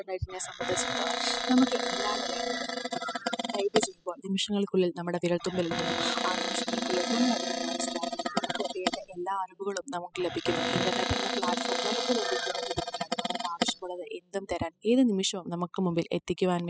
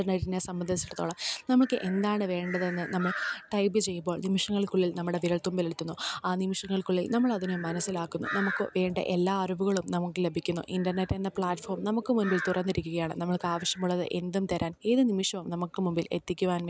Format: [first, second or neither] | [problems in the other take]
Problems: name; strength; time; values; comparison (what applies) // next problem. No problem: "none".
second | noise reduction (classical method spectral subtraction)